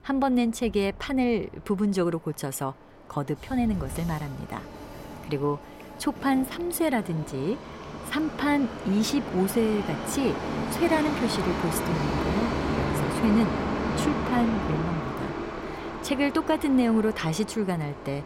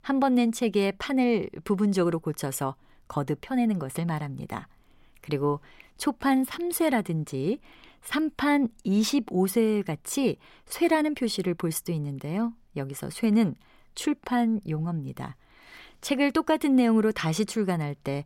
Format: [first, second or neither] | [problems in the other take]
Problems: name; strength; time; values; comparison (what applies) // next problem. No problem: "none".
second | train or aircraft noise; loud; throughout; 5 dB below the speech